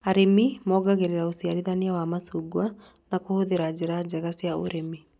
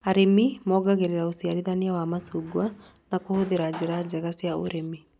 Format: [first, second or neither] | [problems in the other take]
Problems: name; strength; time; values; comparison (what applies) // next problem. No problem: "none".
first | background sound (Drawer open or close); 20 dB below the speech